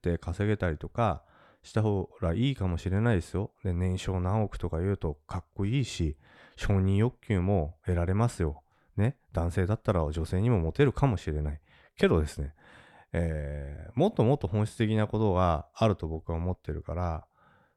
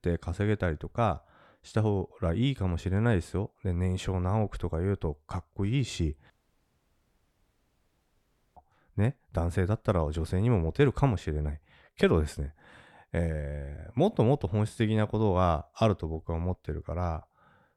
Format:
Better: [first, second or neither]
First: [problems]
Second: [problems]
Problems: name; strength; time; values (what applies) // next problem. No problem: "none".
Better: first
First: none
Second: audio cutting out; at 6.5 s for 2.5 s